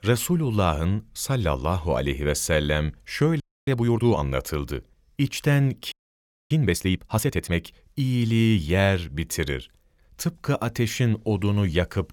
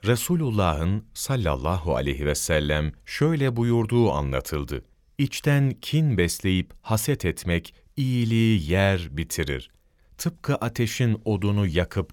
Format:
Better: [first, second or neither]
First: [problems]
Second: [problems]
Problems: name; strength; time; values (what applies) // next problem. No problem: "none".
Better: second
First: audio freezing; at 3.5 s and at 6 s for 0.5 s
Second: none